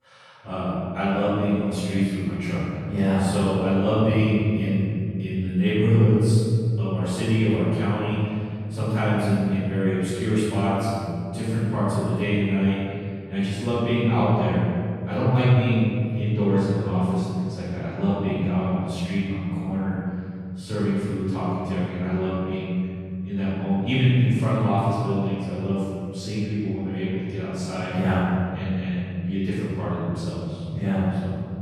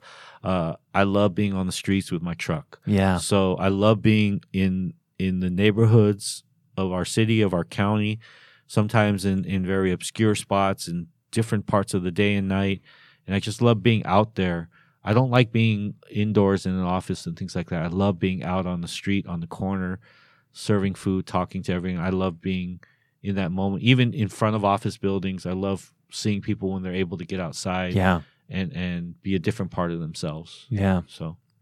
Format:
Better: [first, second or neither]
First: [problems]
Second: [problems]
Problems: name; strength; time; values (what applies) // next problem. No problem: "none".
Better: second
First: room echo; strong; dies away in 2.9 s // off-mic speech; far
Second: none